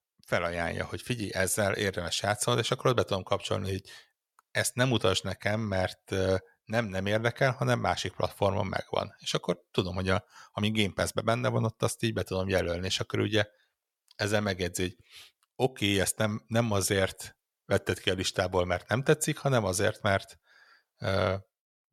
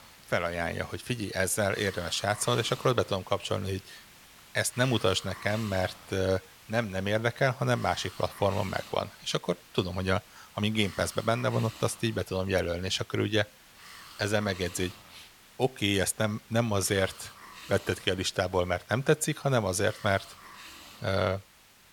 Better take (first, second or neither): first